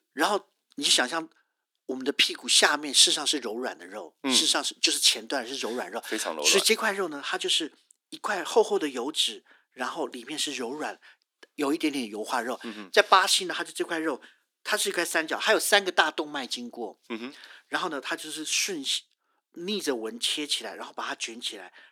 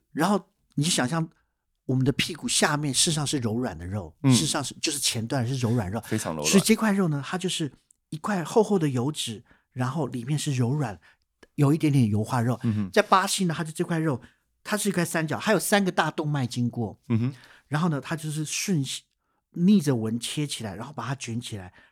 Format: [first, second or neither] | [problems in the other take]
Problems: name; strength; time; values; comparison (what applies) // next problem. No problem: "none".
second | thin; somewhat; fading below 300 Hz